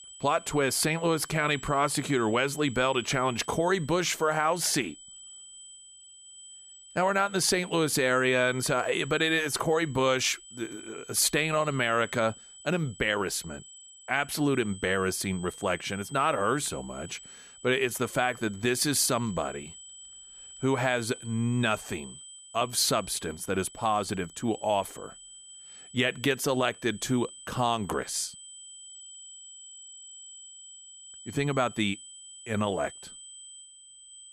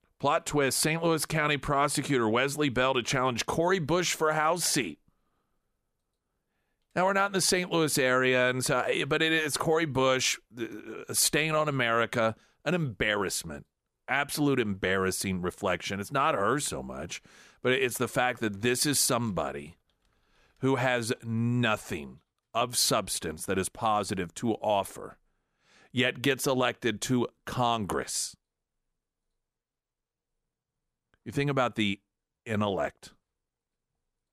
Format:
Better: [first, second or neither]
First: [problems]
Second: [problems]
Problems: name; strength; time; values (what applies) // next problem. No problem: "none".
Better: second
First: high-pitched whine; noticeable; throughout; 8 kHz, 15 dB below the speech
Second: none